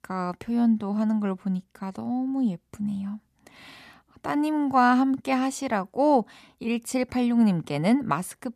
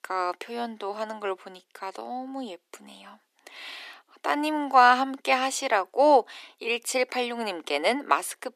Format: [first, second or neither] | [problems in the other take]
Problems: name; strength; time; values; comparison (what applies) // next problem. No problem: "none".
first | thin; very; fading below 350 Hz